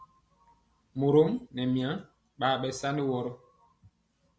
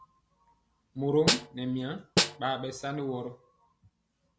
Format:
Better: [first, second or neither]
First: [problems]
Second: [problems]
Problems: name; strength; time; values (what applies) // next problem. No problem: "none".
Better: first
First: none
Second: background sound (Snare drum); 3 dB above the speech